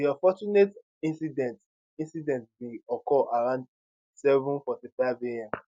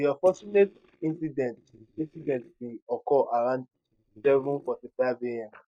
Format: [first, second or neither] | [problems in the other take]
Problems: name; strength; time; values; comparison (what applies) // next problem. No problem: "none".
first | noise reduction (neural mask model DeepFilterNet 3)